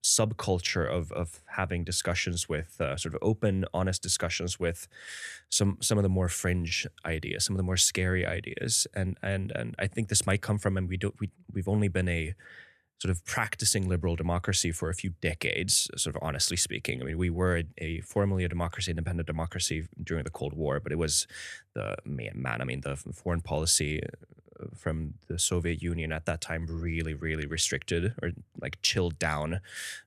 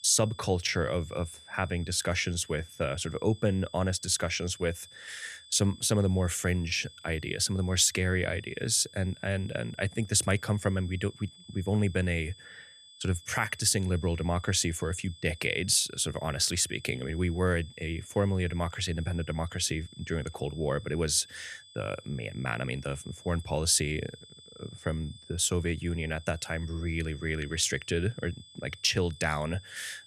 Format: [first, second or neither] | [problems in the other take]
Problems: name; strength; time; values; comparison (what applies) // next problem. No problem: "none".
first | high-pitched whine; faint; throughout; 3.5 kHz, 20 dB below the speech